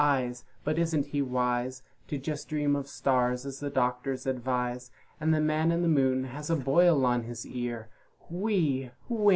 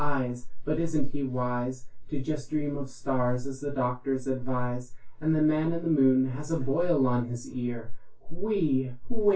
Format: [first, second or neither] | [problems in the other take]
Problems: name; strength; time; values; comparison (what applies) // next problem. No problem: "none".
first | room echo; dies away in 0.2 s